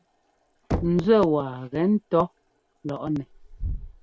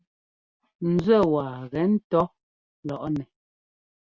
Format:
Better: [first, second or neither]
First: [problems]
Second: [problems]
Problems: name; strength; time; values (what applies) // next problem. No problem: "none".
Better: second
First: background sound (Knock + Toilet flush); 10 dB below the speech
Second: none